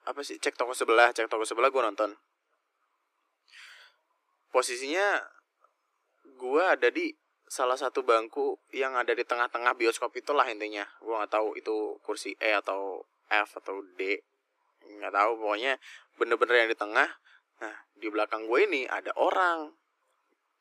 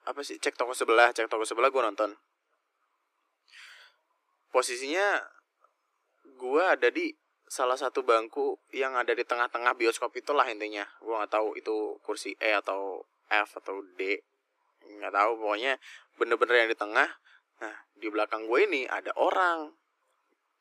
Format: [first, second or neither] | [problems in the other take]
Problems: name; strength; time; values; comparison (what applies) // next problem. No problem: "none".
neither | thin; very; fading below 300 Hz; the same in both